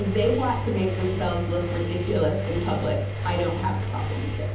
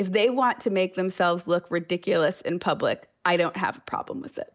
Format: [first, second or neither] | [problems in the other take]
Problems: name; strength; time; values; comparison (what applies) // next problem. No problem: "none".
second | background sound (Engine); 1 dB below the speech // room echo; dies away in 1.3 s